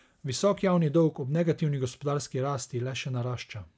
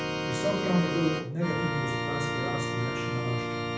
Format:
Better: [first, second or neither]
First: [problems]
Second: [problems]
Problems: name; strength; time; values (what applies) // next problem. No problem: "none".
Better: first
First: none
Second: background sound (Organ); as loud as the speech // room echo; dies away in 0.8 s